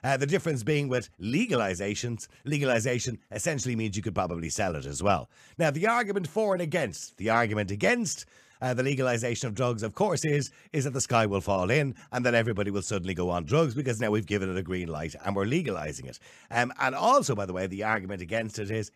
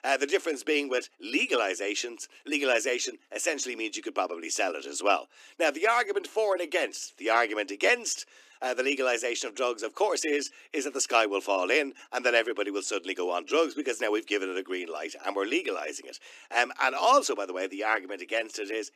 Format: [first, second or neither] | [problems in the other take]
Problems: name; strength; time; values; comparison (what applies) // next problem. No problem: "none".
first | thin; somewhat; fading below 300 Hz